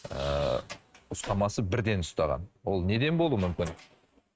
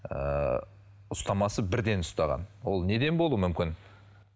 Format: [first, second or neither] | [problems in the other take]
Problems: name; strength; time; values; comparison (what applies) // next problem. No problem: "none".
second | noise reduction (neural mask model RNNoise)